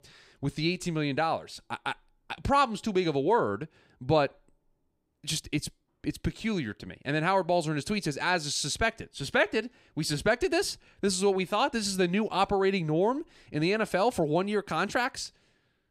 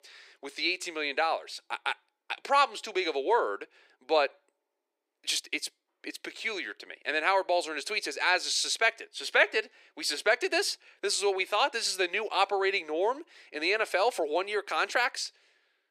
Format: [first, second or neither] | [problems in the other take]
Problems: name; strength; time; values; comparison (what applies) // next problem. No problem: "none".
first | thin; very; fading below 400 Hz